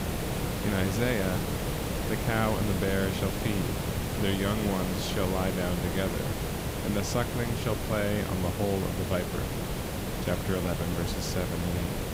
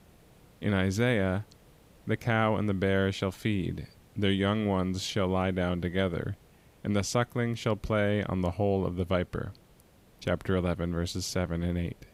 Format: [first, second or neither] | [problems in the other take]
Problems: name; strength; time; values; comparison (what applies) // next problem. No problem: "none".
second | hiss; loud; throughout; 1 dB below the speech; faint in the second